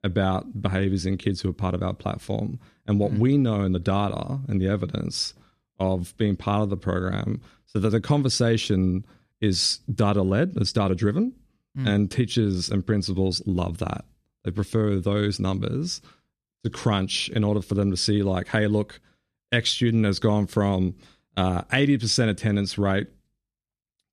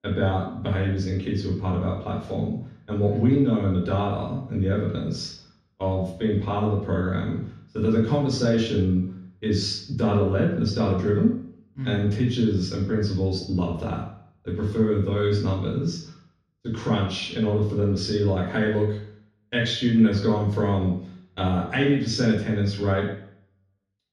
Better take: first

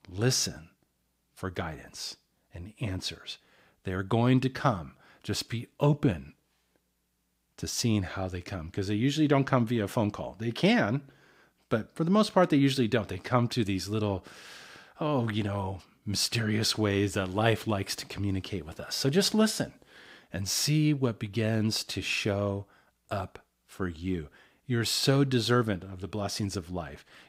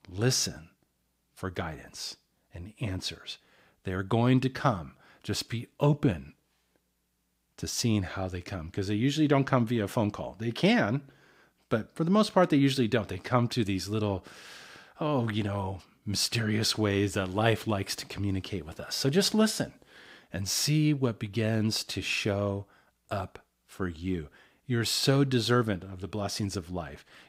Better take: neither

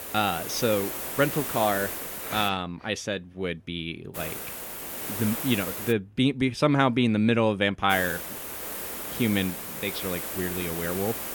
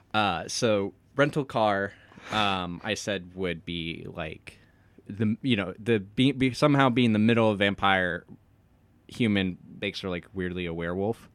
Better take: second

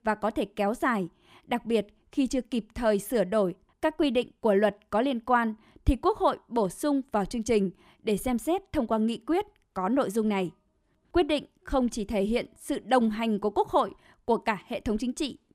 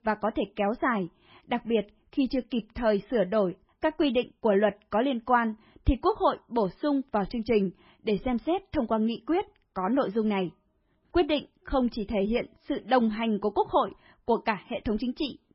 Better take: first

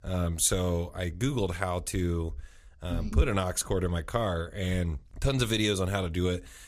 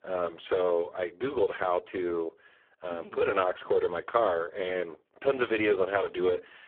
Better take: first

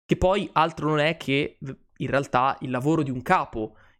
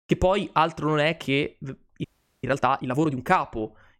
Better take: first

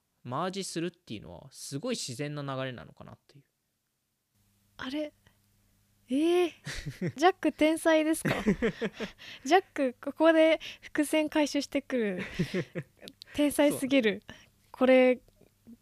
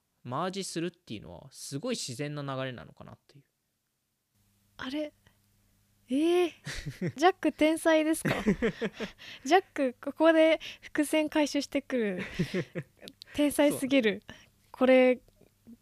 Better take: neither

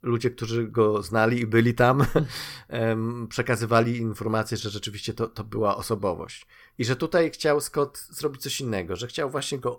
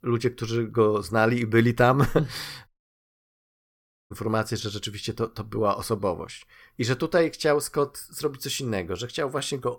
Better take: first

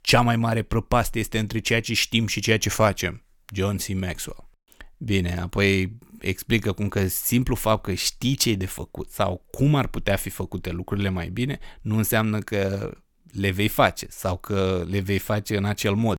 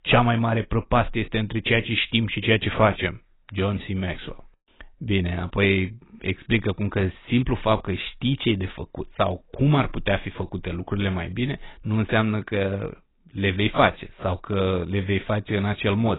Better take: first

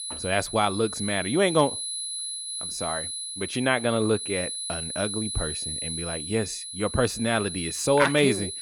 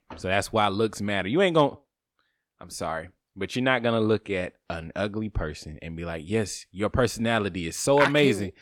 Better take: second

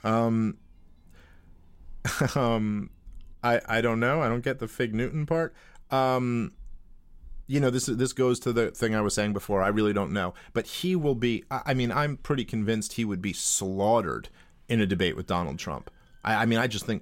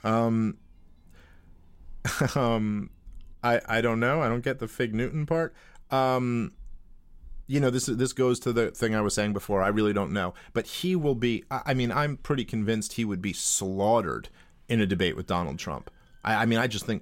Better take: neither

